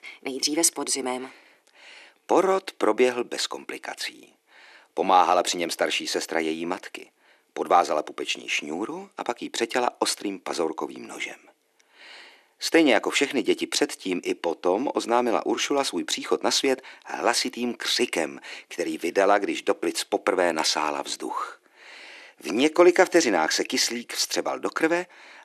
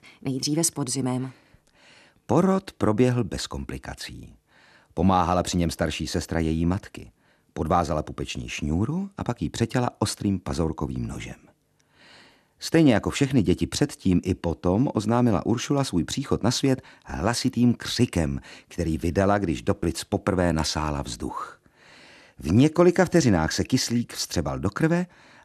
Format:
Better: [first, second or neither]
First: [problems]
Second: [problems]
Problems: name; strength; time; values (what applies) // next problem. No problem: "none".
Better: second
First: thin; somewhat; fading below 350 Hz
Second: none